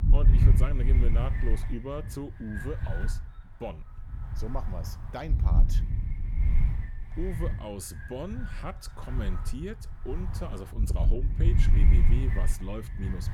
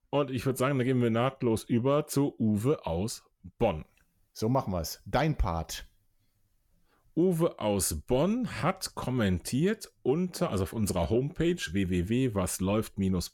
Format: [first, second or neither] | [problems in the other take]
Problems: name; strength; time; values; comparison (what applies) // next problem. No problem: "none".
second | wind noise on the microphone; heavy; 3 dB below the speech